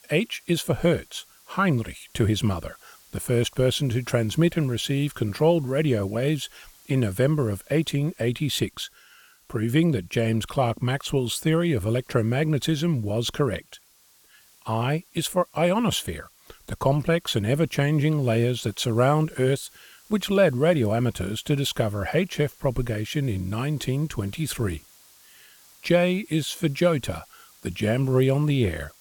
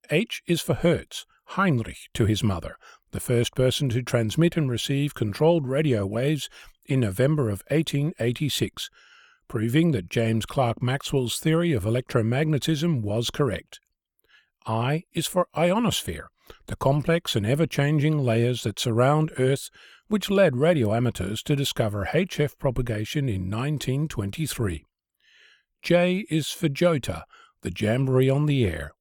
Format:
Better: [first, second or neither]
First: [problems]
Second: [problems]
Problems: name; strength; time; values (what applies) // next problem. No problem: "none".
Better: second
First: hiss; faint; throughout; 30 dB below the speech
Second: none